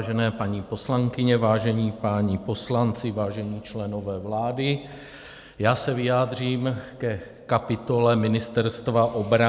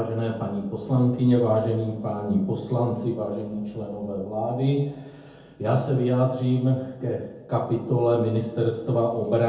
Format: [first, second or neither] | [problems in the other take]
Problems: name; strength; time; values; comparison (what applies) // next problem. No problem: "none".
first | room echo; dies away in 0.7 s